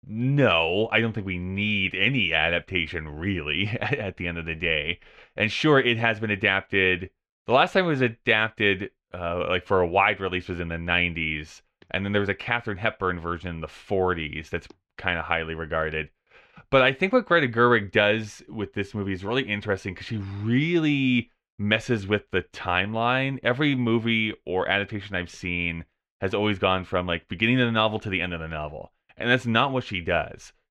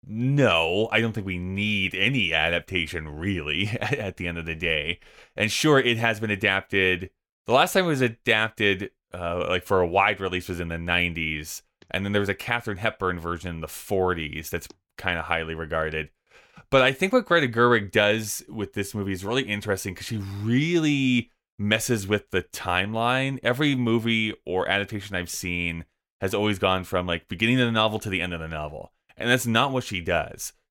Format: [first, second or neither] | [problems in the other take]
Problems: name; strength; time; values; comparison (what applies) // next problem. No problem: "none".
second | muffled; slightly; fading above 3 kHz